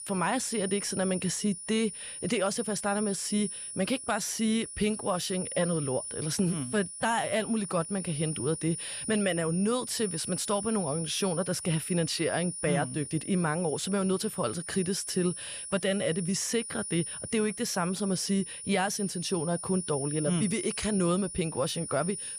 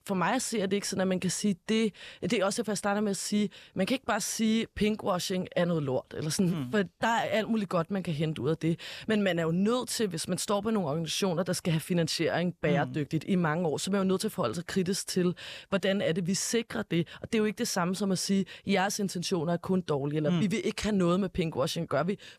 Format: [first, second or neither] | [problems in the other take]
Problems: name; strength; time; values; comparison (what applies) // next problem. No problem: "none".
second | high-pitched whine; loud; throughout; 9.5 kHz, 7 dB below the speech